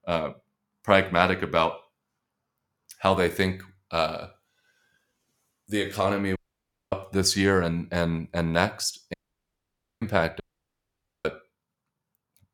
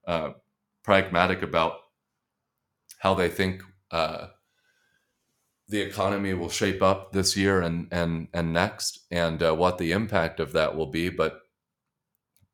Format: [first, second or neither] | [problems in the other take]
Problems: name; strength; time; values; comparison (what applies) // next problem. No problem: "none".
second | audio cutting out; at 6.5 s for 0.5 s, at 9 s for 1 s and at 10 s for 1 s